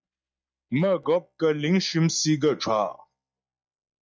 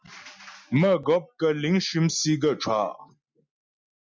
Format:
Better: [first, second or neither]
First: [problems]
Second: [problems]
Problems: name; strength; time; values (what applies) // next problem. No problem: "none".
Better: second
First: noise reduction (neural mask model DeepFilterNet 3)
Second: none